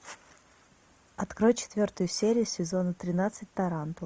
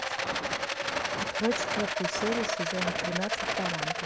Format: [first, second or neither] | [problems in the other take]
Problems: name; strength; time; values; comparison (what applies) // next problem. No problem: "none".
first | background sound (Rattle); 4 dB above the speech